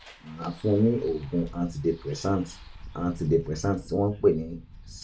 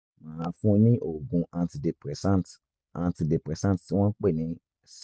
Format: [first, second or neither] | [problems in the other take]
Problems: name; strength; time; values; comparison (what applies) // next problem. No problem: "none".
second | background sound (Bus); 17 dB below the speech // room echo; dies away in 0.2 s